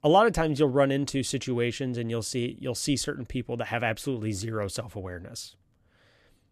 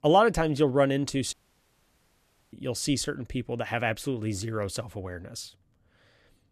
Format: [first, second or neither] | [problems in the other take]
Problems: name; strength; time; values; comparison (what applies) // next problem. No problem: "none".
first | audio cutting out; at 1.5 s for 1 s